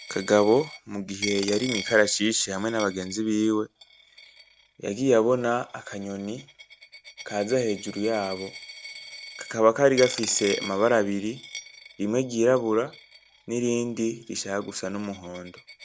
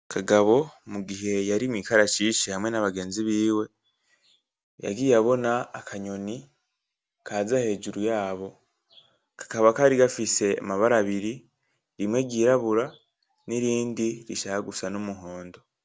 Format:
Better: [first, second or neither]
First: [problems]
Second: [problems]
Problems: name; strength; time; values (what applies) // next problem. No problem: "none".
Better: second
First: background sound (Coin (dropping)); 15 dB below the speech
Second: none